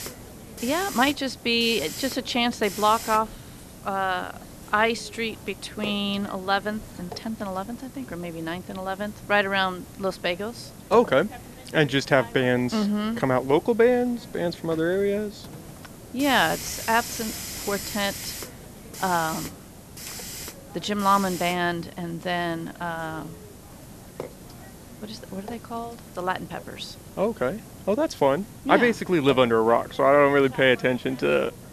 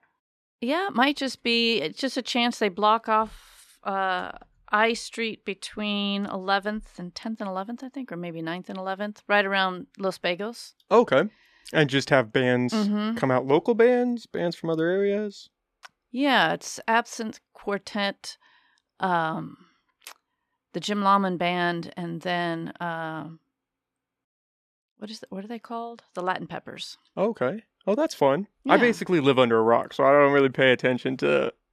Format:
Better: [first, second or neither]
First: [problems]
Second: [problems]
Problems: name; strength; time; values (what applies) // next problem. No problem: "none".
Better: second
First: hiss; noticeable; throughout; 15 dB below the speech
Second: none